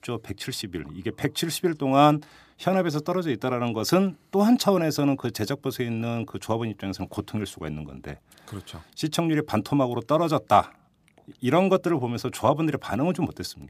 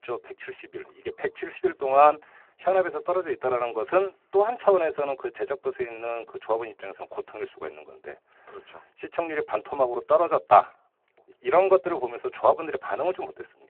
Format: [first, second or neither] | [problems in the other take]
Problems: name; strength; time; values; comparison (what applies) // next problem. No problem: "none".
first | phone-call audio; poor line